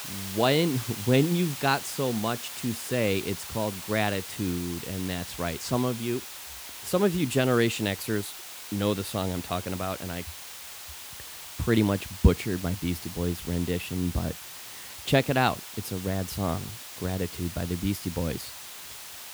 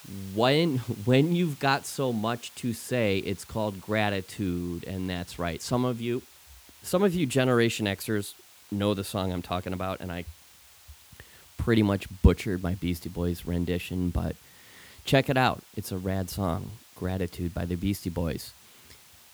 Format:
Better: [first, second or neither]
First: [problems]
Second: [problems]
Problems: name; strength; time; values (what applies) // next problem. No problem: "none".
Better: second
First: hiss; loud; throughout; 9 dB below the speech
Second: hiss; faint; throughout; 20 dB below the speech